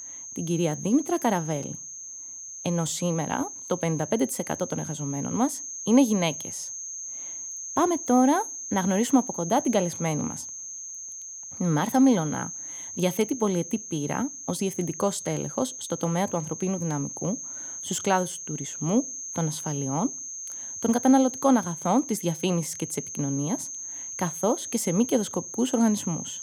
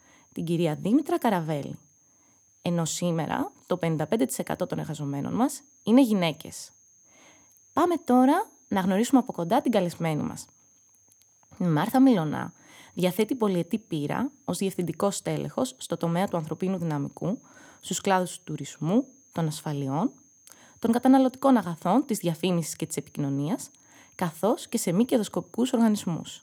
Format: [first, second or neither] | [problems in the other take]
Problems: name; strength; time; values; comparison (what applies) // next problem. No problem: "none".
second | high-pitched whine; loud; throughout; 6.5 kHz, 8 dB below the speech; faint in the second